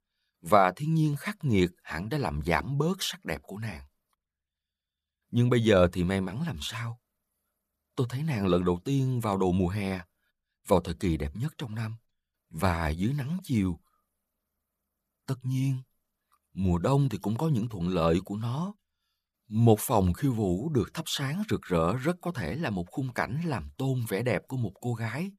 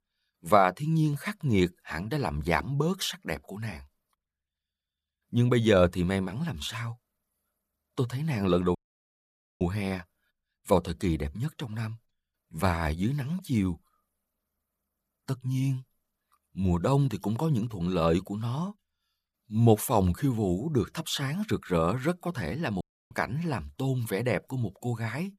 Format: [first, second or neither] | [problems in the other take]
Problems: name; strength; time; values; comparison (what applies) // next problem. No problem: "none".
first | audio cutting out; at 9 s for 1 s and at 23 s